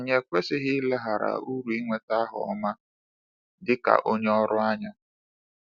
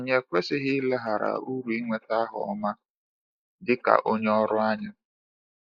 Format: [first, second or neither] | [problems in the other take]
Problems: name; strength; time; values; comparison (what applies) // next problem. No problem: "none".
first | noise reduction (neural mask model Resemble Enhance denoiser)